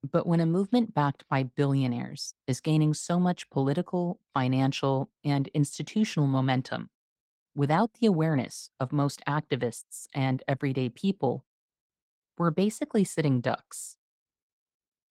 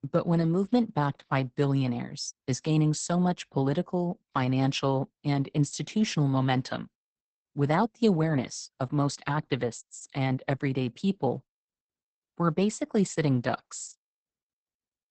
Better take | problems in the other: first | garbled, watery; badly; nothing above 8 kHz; slightly in the first

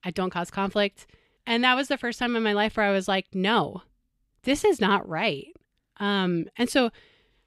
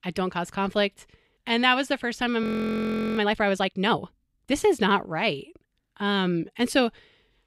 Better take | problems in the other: first | audio freezing; at 2.5 s for 0.5 s

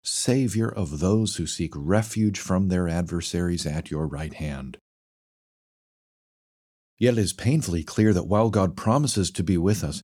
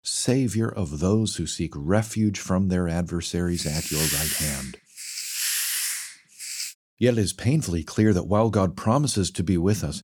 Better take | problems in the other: first | hiss; loud; from 3.5 to 6.5 s; 2 dB below the speech

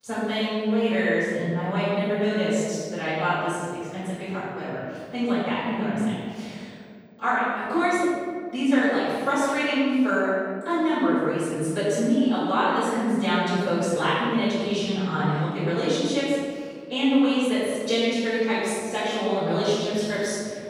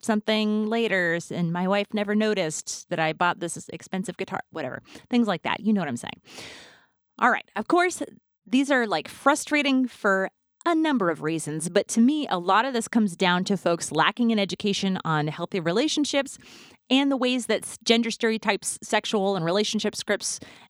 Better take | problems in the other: second | off-mic speech; far // room echo; strong; dies away in 1.9 s

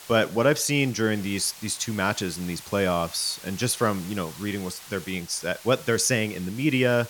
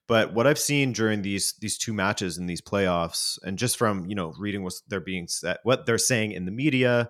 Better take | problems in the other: second | hiss; noticeable; throughout; 15 dB below the speech

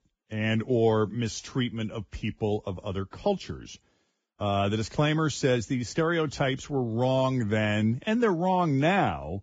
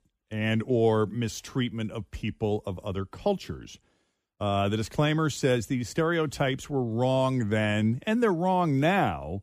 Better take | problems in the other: second | garbled, watery; badly; nothing above 7.5 kHz

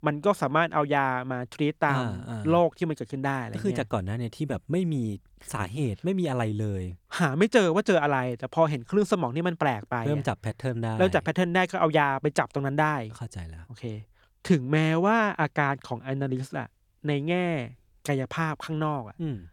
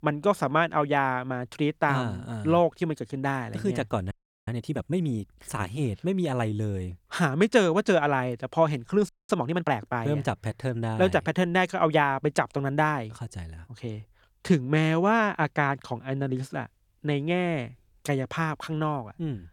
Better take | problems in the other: first | audio freezing; at 4 s and at 9 s

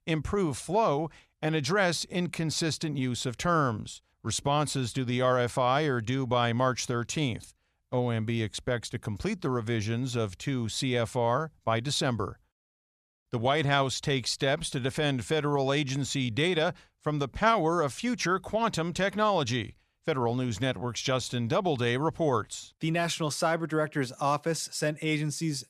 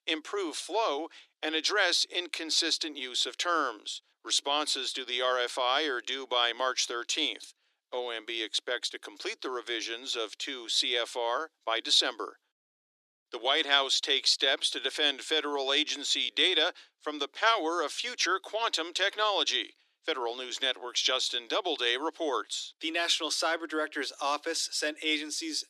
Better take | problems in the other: first | thin; very; fading below 300 Hz

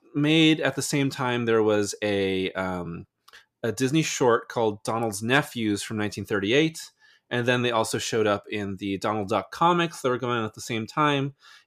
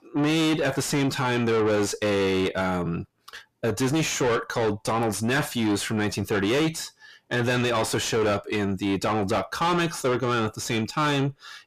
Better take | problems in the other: first | distortion; heavy; 6 dB below the speech

